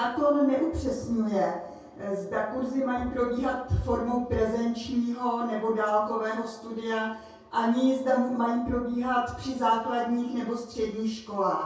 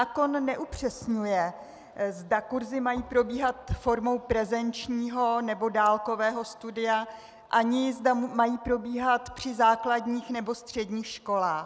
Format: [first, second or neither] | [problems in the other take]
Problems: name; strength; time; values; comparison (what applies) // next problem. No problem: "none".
second | room echo; dies away in 0.6 s